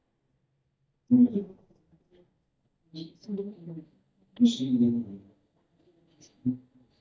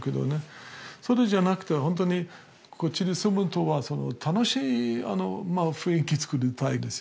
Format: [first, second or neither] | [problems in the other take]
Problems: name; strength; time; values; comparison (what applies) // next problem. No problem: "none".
second | noise reduction (neural mask model DeepFilterNet 3)